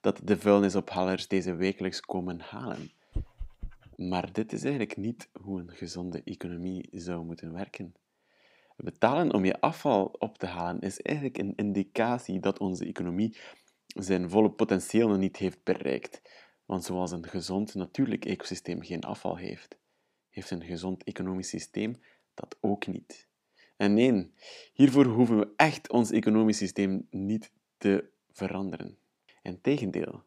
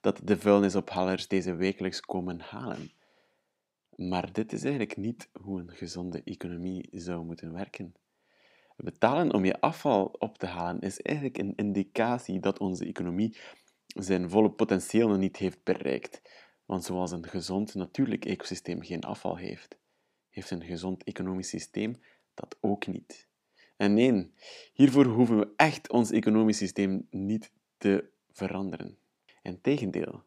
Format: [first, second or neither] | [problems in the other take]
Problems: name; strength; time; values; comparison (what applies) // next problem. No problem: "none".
second | dog barking; faint; at 3 s; peak 10 dB below the speech